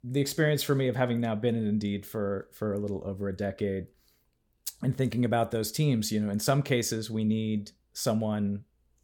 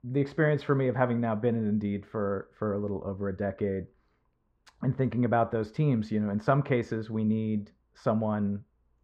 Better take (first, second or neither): first